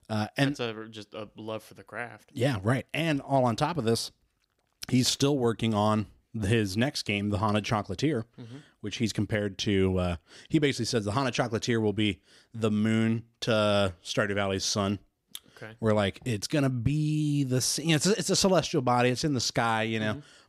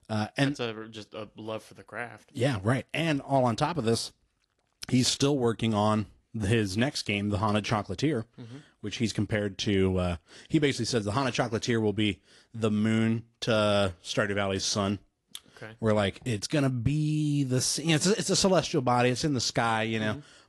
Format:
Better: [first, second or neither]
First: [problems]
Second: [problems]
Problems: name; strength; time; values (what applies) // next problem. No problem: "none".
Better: first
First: none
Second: garbled, watery; slightly; nothing above 11.5 kHz